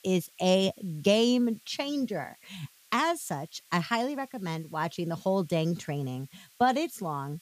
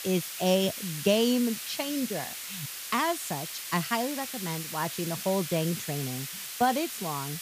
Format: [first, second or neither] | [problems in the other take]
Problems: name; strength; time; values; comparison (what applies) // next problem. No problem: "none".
first | hiss; loud; throughout; 6 dB below the speech; faint in the first